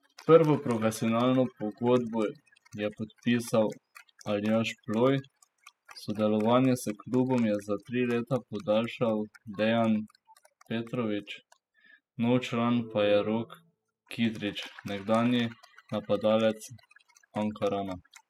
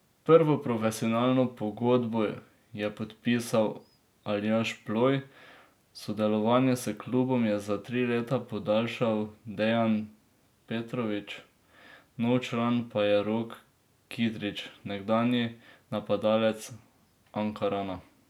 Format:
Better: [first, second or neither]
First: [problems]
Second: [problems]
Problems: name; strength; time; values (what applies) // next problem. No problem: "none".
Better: second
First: noise reduction (classical method spectral subtraction)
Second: none